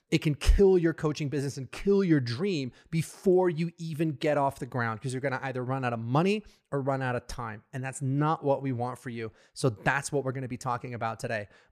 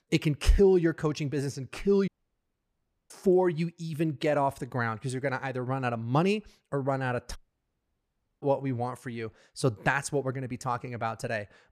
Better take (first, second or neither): first